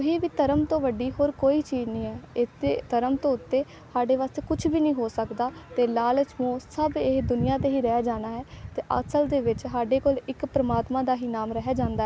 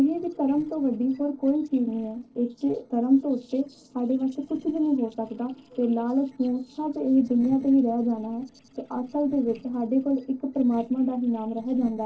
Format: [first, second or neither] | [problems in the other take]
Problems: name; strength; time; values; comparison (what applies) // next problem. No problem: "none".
first | noise reduction (neural separator model SepFormer DNS4)